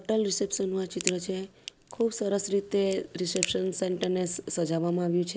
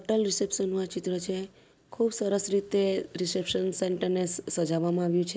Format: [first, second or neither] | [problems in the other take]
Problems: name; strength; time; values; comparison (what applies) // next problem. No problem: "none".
second | background sound (Crack); 11 dB below the speech